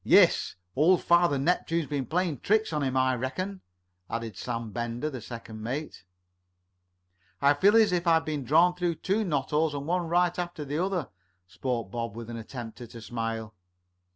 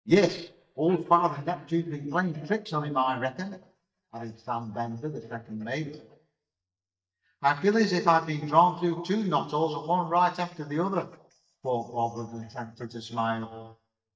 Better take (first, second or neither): first